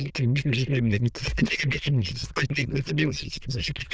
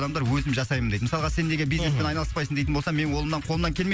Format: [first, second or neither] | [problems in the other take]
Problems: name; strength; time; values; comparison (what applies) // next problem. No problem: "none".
second | noise reduction (neural diffusion model UNIVERSE++)